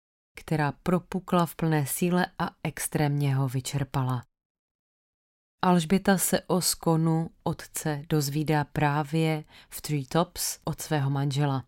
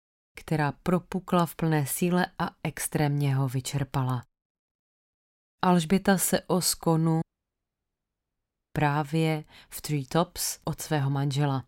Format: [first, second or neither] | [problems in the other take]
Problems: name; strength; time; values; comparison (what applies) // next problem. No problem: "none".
first | audio cutting out; at 7 s for 1.5 s